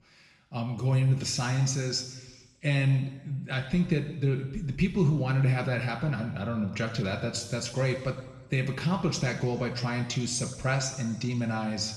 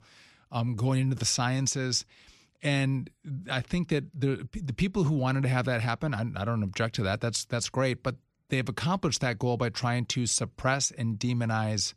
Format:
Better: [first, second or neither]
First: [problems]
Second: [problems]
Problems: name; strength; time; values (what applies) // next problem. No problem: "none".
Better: second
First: room echo; noticeable; dies away in 1 s // off-mic speech; somewhat distant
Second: none